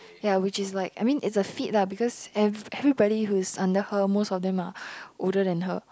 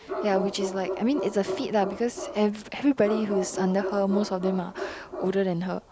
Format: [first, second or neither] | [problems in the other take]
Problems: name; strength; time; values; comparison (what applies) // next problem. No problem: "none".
first | background sound (Bark); 8 dB below the speech